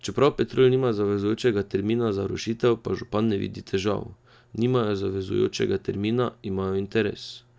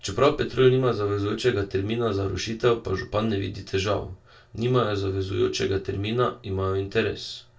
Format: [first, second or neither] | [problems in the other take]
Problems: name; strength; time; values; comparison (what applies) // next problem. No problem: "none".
first | room echo; dies away in 0.2 s